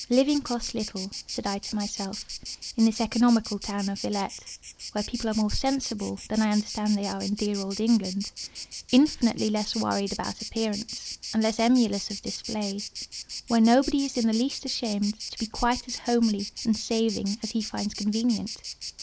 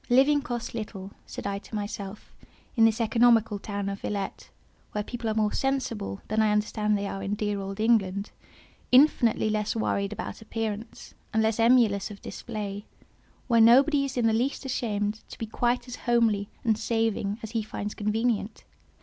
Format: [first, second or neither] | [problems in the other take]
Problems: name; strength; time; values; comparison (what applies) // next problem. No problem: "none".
second | noise reduction (neural mask model Resemble Enhance denoiser)